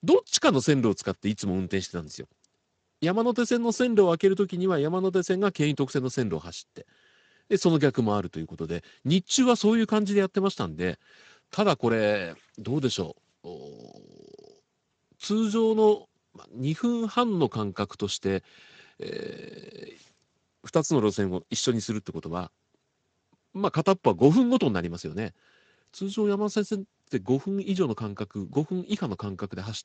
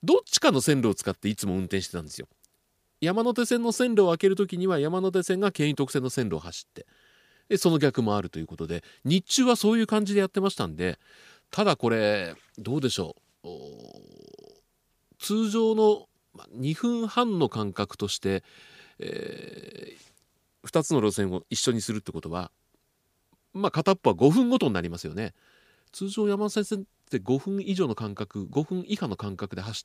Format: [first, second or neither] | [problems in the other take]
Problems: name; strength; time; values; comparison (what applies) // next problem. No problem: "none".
second | garbled, watery; slightly; nothing above 7.5 kHz